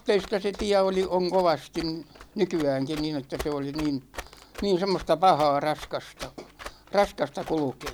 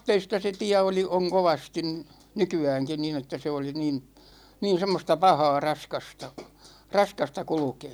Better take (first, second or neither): second